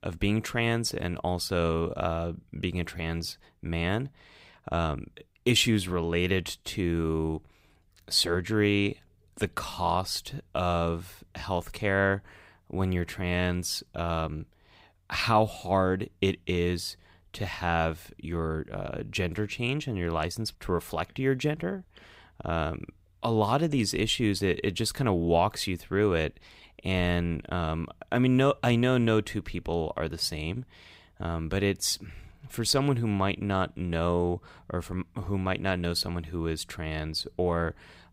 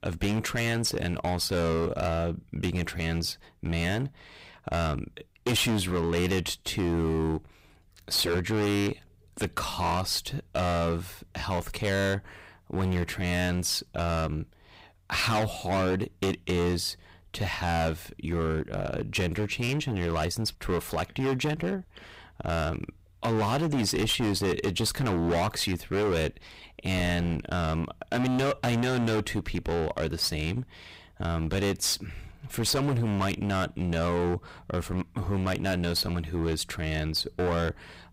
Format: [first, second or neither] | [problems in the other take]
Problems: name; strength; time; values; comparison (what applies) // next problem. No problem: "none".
first | distortion; heavy; 16% of the sound clipped